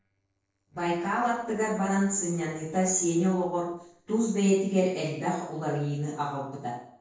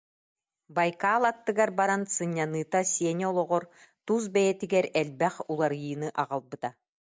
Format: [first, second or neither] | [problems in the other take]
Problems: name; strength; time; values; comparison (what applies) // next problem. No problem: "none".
second | noise reduction (neural separator model SepFormer DNS4)